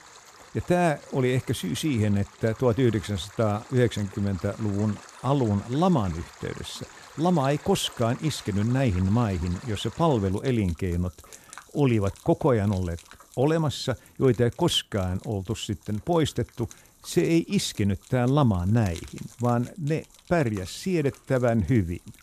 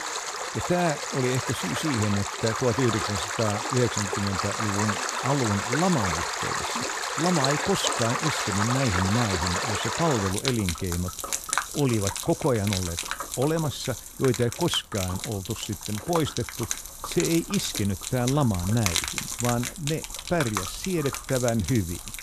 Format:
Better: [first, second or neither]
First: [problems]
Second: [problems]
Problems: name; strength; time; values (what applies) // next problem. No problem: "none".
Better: first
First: rain or running water; faint; throughout; 20 dB below the speech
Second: rain or running water; loud; throughout; 2 dB below the speech